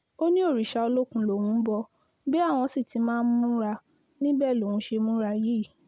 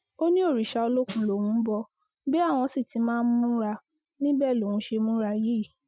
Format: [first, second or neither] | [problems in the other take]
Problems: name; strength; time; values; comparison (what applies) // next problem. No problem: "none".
first | noise reduction (classical method Wiener filter)